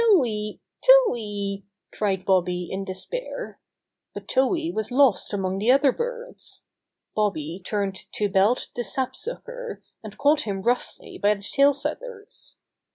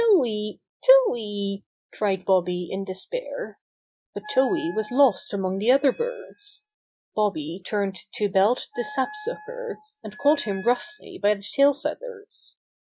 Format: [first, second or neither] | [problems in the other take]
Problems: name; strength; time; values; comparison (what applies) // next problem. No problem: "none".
first | noise reduction (classical method Wiener filter)